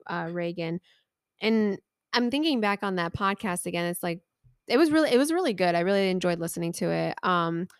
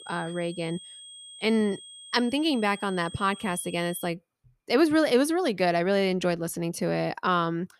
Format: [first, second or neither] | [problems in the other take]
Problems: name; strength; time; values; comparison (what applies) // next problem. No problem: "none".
first | high-pitched whine; noticeable; until 4 s; 3.5 kHz, 15 dB below the speech